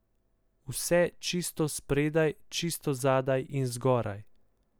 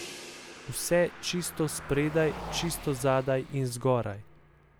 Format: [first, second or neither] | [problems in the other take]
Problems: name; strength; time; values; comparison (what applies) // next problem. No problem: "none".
first | background sound (Car passing by + Crash cymbal); 14 dB below the speech